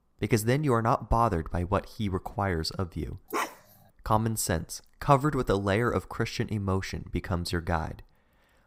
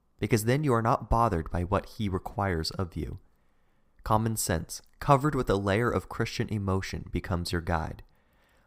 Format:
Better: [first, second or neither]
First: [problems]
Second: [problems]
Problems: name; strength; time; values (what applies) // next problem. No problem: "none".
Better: second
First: dog barking; noticeable; at 3.5 s; peak 4 dB below the speech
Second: none